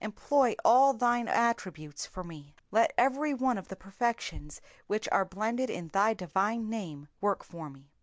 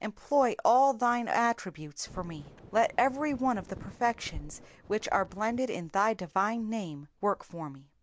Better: first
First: none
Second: background sound (Wind); 20 dB below the speech

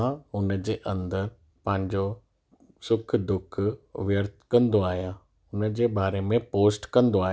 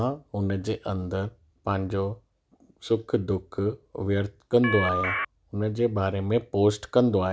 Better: first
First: none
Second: background sound (Telephone); 1 dB below the speech

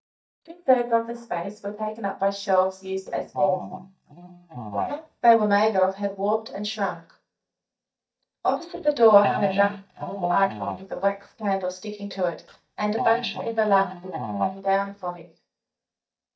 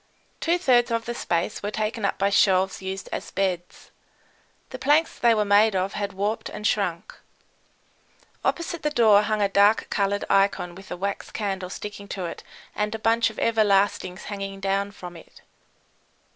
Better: second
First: noise reduction (neural mask model DeepFilterNet 3)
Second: none

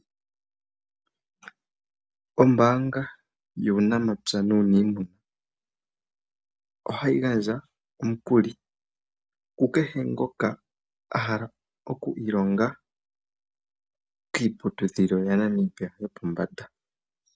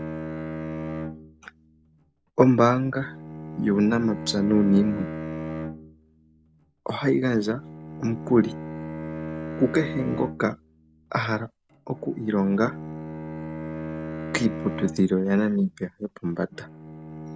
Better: first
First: none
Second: background sound (Bowed string instrument); 10 dB below the speech

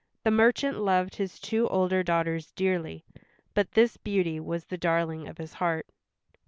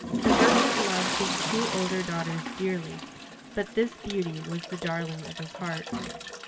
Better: first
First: none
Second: background sound (Toilet flush); 1 dB above the speech // room echo; dies away in 1.5 s

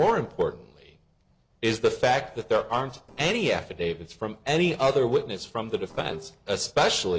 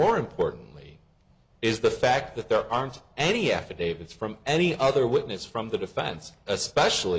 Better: second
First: noise reduction (neural separator model SepFormer DNS4)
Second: none

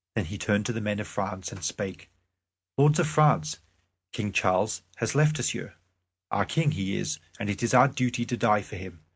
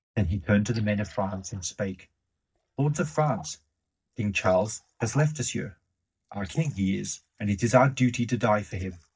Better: first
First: none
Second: noise reduction (neural mask model DeepFilterNet 3)

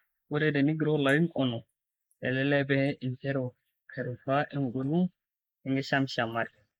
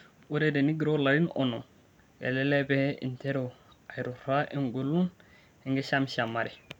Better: second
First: noise reduction (neural mask model Resemble Enhance denoiser)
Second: none

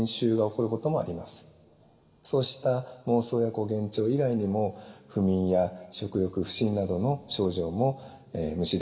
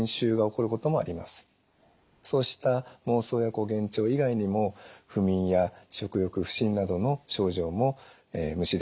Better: second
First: room echo; dies away in 2.5 s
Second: none

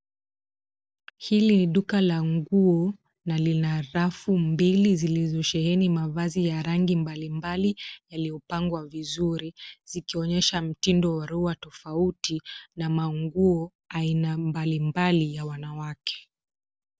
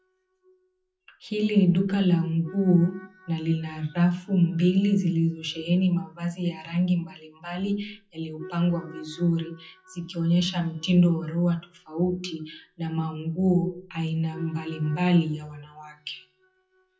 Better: first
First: none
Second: noise reduction (classical method WPE with log-MMSE)

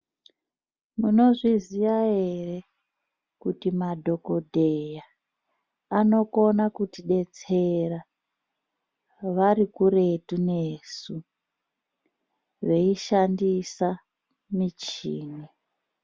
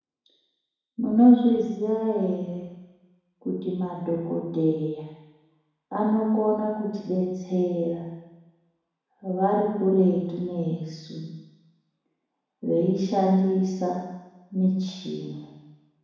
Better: first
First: none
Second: room echo; dies away in 1.1 s

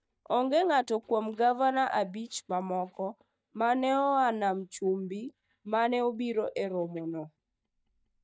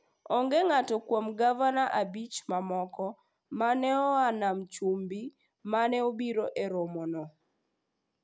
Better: second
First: noise reduction (neural mask model DeepFilterNet 3)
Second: none

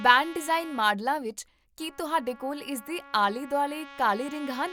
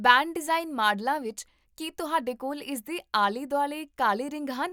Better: second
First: background sound (Trumpet); 20 dB below the speech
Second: none

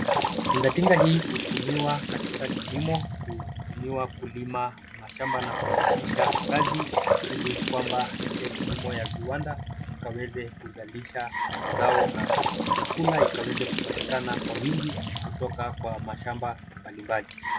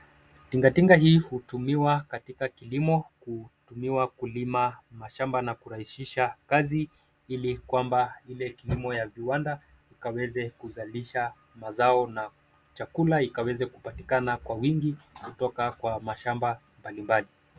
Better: second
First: background sound (Trickle, dribble / Bathtub (filling or washing) / Sink (filling or washing) / Gurgling); 2 dB above the speech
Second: none

